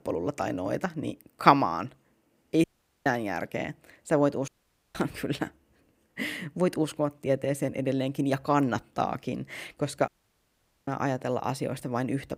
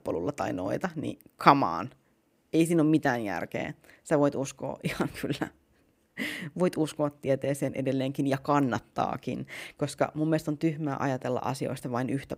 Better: second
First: audio cutting out; at 2.5 s, at 4.5 s and at 10 s for 1 s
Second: none

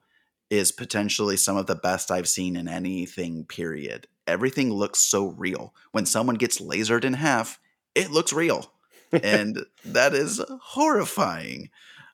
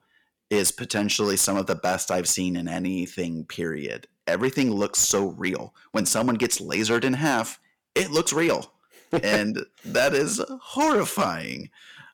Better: first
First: none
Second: distortion; slight; 4% of the sound clipped

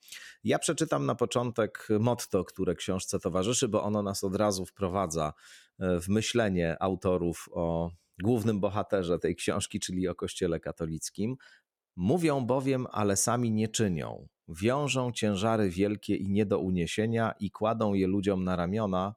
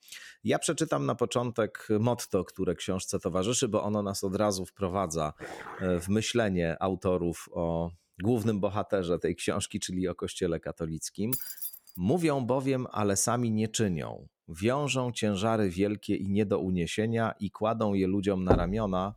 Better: first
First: none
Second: dog barking; faint; at 5.5 s; peak 10 dB below the speech // jangling keys; noticeable; at 11 s; peak 2 dB below the speech // door banging; loud; at 19 s; peak 1 dB above the speech

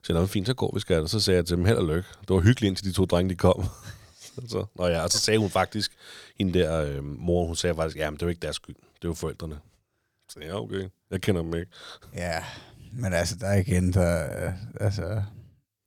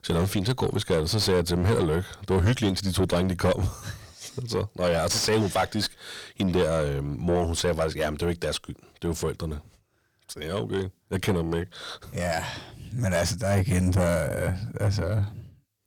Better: first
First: none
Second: distortion; heavy; 6 dB below the speech

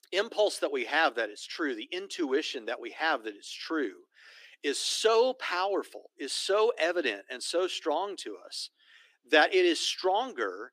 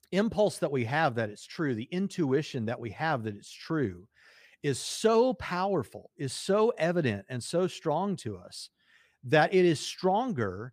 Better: second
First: thin; somewhat; fading below 300 Hz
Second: none

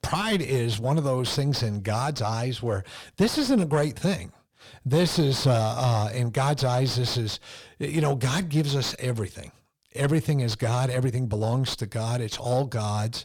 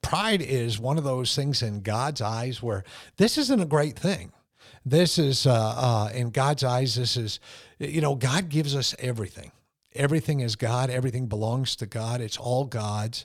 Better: second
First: distortion; slight; 10 dB below the speech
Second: none

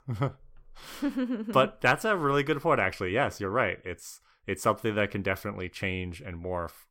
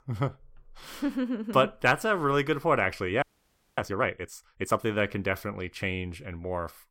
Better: first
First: none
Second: audio freezing; at 3 s for 0.5 s

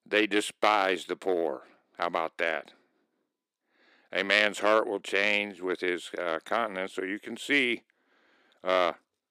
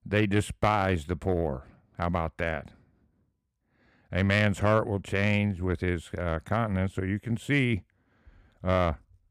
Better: second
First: thin; somewhat; fading below 300 Hz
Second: none

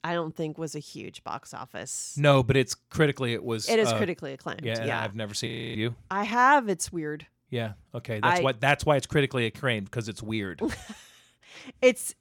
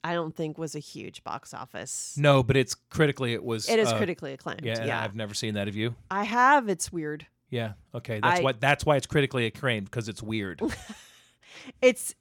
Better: second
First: audio freezing; at 5.5 s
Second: none

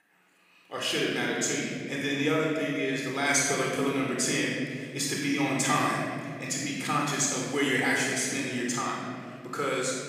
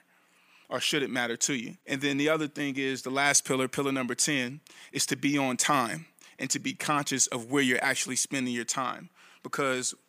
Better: second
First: off-mic speech; far // room echo; strong; dies away in 2.4 s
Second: none

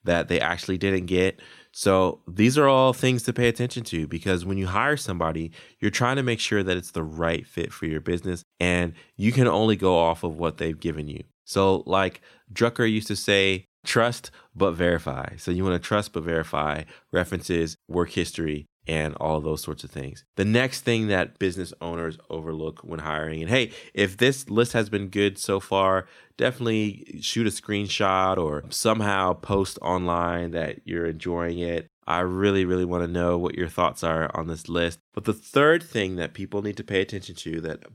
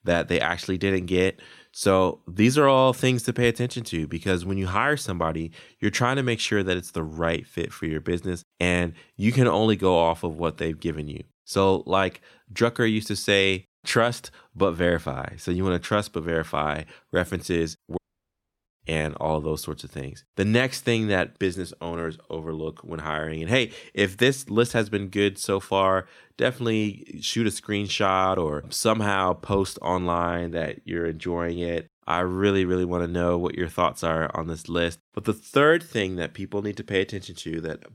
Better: first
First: none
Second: audio cutting out; at 18 s for 0.5 s

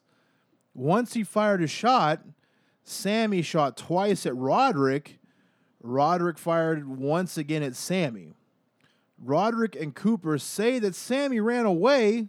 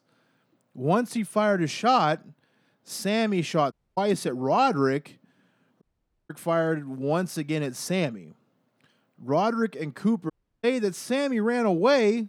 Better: first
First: none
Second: audio cutting out; at 3.5 s, at 6 s and at 10 s

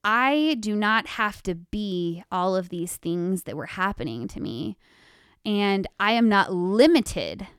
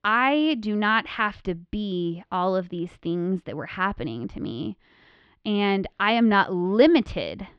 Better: first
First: none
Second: muffled; very slightly; fading above 4 kHz

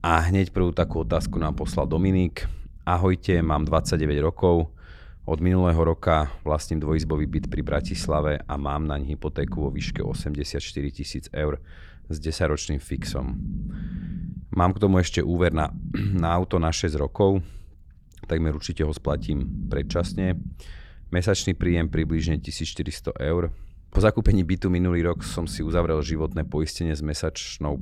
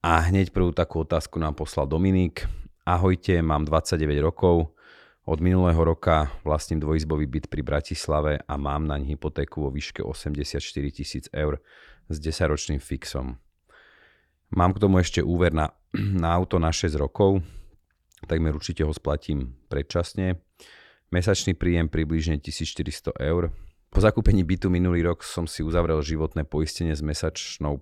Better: second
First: low rumble; noticeable; throughout; 15 dB below the speech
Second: none

